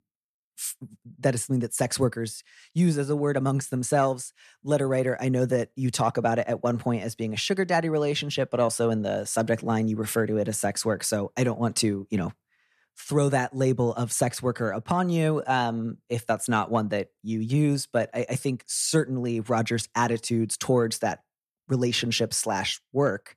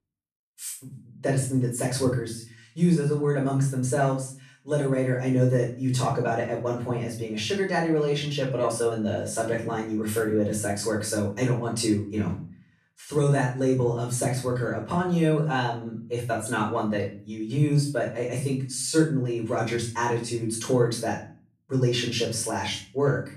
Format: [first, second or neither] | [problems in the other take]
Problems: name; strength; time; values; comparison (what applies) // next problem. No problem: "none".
first | off-mic speech; far // room echo; noticeable; dies away in 0.4 s